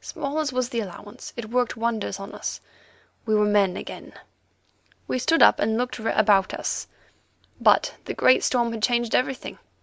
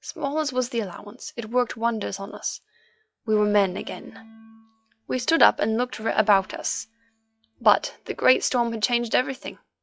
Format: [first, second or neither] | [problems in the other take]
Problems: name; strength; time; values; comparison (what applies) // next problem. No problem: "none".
first | noise reduction (classical method log-MMSE)